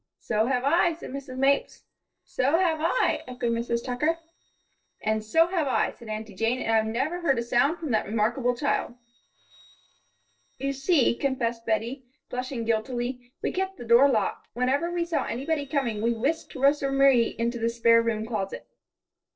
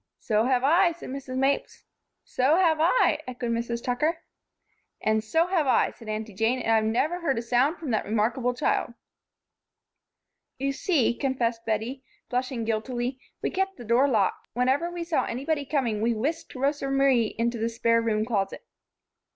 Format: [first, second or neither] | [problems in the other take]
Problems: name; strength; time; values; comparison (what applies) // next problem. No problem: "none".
second | noise reduction (neural separator model SepFormer DNS4)